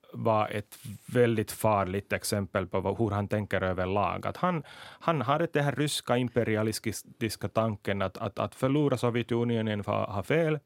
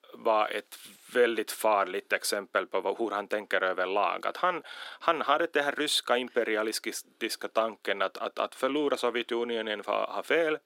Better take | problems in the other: first | thin; somewhat; fading below 300 Hz

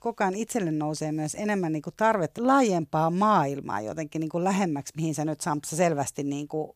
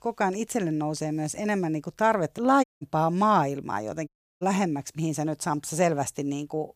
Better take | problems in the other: first | audio cutting out; at 2.5 s and at 4 s

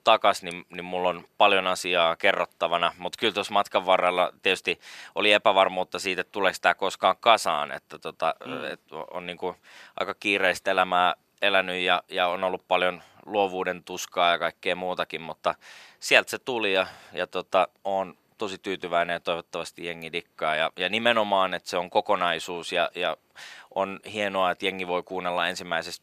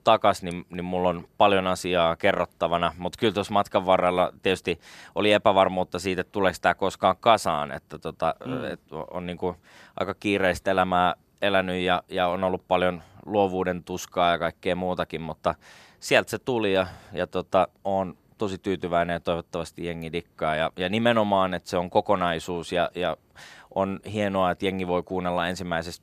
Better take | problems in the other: second | thin; very slightly; fading below 1 kHz

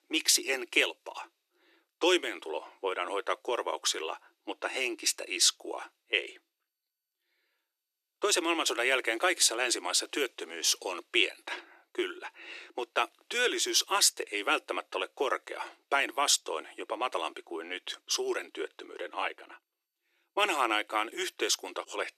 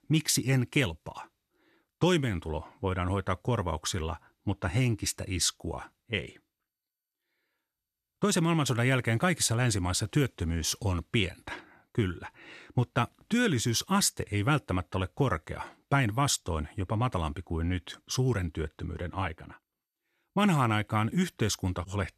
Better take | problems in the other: second | thin; very; fading below 350 Hz

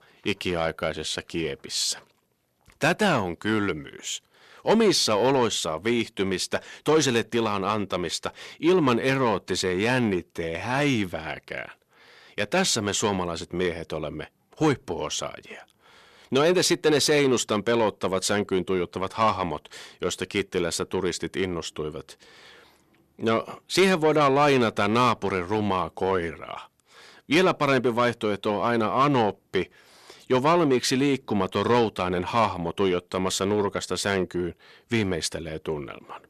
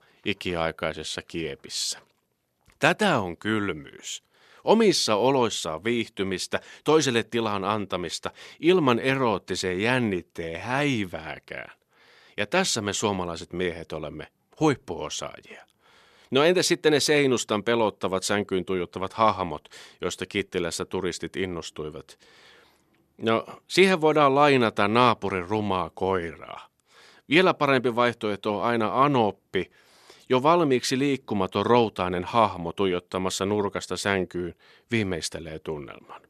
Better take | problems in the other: second | distortion; slight; 10 dB below the speech

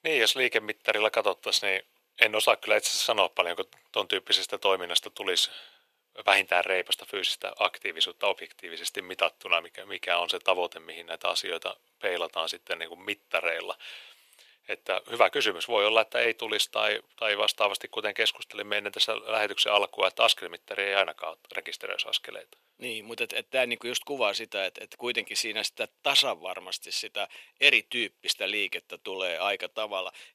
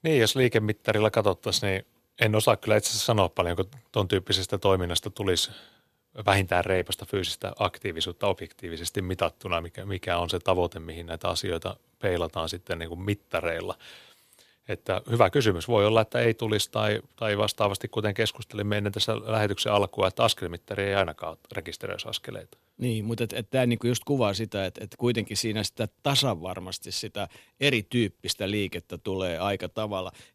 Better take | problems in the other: second | thin; very; fading below 600 Hz

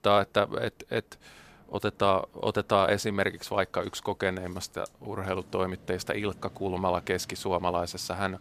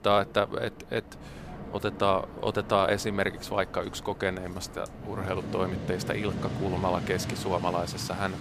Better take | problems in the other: first | train or aircraft noise; loud; throughout; 9 dB below the speech; faint in the first

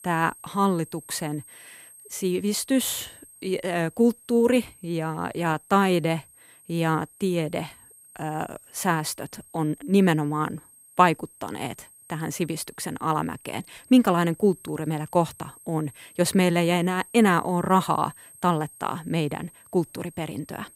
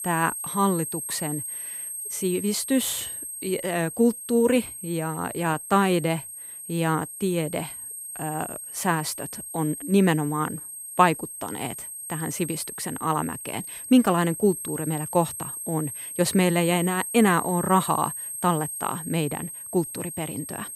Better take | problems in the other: first | high-pitched whine; loud; throughout; 8.5 kHz, 7 dB below the speech; faint in the first

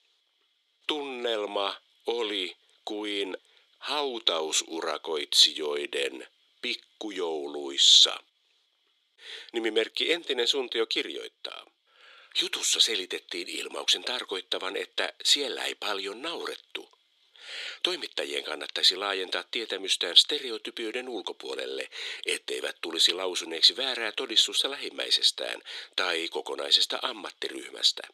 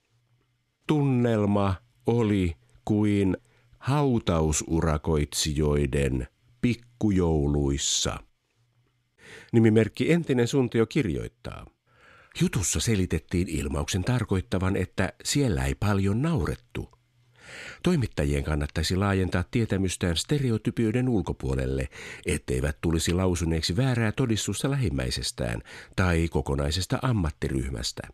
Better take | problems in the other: second | thin; very; fading below 350 Hz

